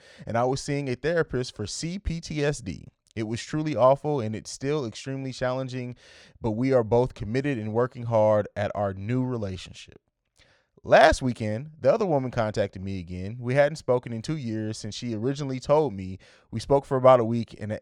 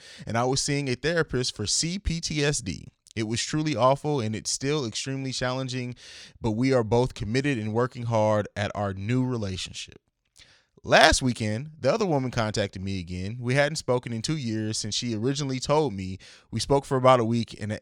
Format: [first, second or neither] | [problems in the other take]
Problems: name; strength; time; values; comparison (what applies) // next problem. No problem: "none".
second | muffled; slightly; fading above 2.5 kHz